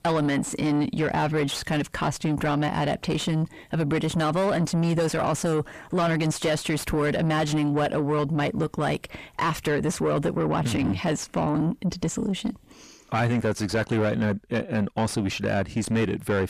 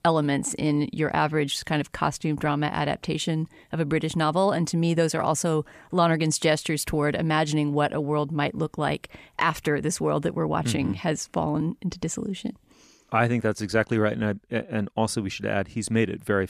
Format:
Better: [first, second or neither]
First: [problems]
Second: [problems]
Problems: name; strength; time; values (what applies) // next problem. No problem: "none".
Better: second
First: distortion; heavy; 7 dB below the speech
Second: none